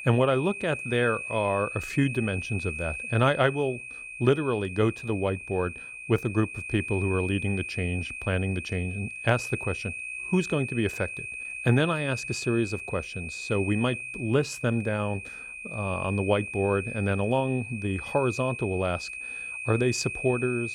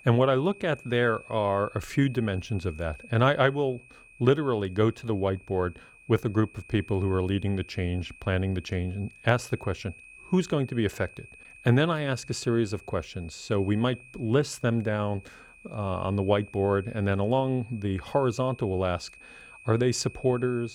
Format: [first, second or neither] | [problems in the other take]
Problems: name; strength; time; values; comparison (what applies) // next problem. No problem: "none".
second | high-pitched whine; loud; throughout; 2.5 kHz, 7 dB below the speech; faint in the second